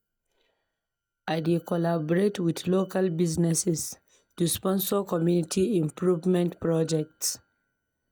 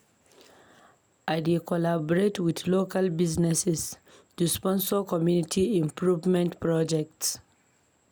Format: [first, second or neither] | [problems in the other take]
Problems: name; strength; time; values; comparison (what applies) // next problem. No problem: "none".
second | noise reduction (neural mask model DeepFilterNet 3)